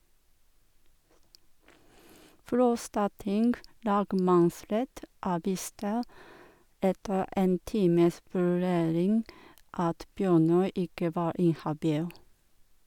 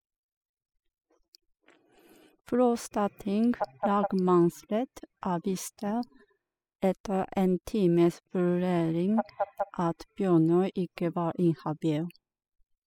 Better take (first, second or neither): first